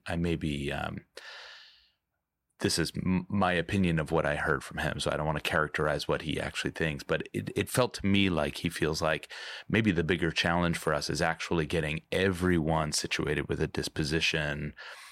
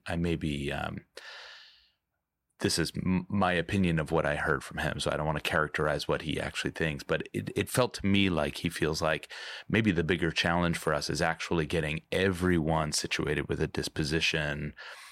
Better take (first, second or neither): neither